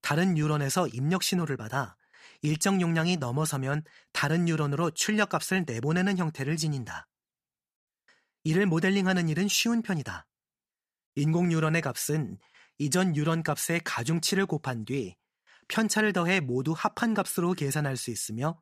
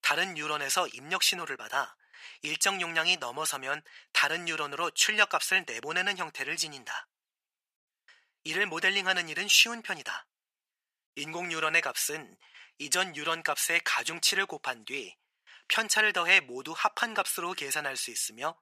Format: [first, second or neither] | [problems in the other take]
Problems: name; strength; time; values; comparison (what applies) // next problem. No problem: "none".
first | thin; very; fading below 650 Hz